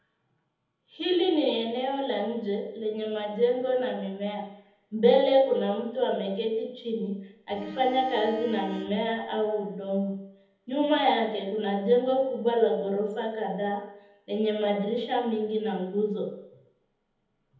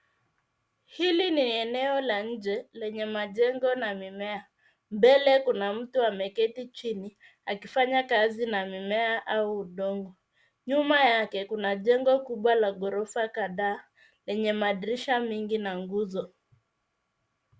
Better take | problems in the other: second | background sound (Bowed string instrument); 13 dB below the speech // room echo; dies away in 1 s

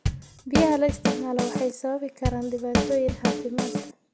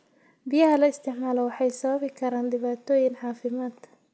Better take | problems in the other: second | background sound (Drum / Drum kit); as loud as the speech

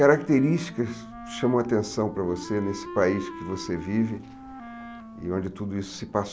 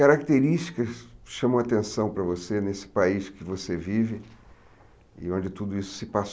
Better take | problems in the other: second | background sound (Wind instrument, woodwind instrument); 15 dB below the speech

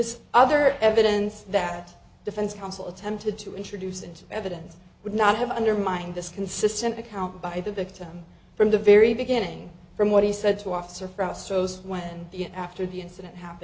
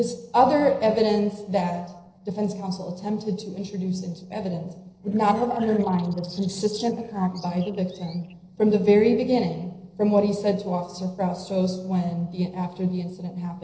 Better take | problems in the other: first | noise reduction (neural separator model SepFormer DNS4)

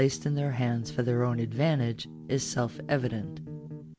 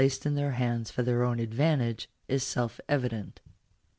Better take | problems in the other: second | background sound (Bass guitar); 12 dB below the speech

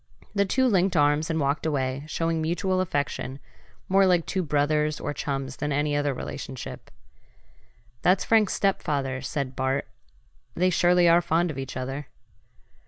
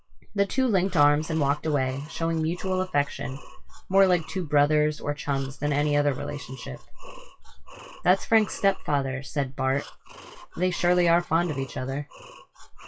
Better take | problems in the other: first | noise reduction (classical method WPE with log-MMSE)

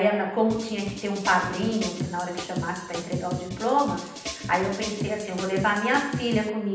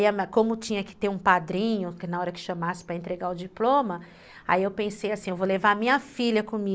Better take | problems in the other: second | background sound (Drum kit); 8 dB below the speech // room echo; dies away in 0.9 s

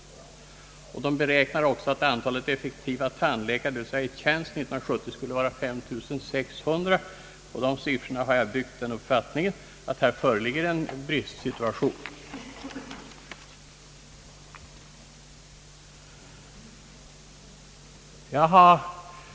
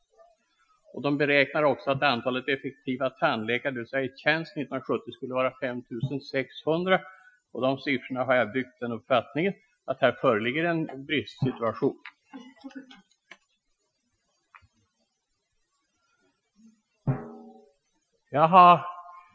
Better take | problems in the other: first | noise reduction (classical method Wiener filter)

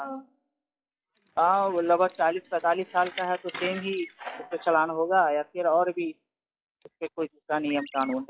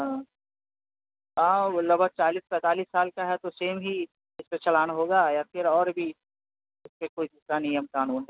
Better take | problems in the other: second | noise reduction (classical method log-MMSE)

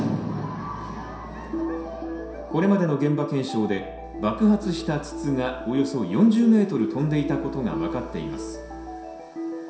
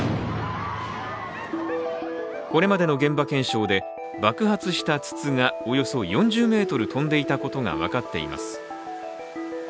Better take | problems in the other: second | background sound (Bowed string instrument); 20 dB below the speech // room echo; dies away in 0.7 s

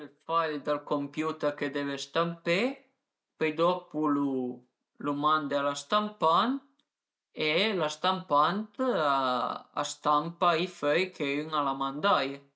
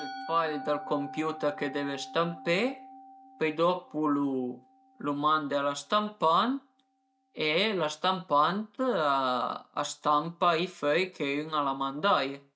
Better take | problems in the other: first | background sound (Musical instrument); 19 dB below the speech

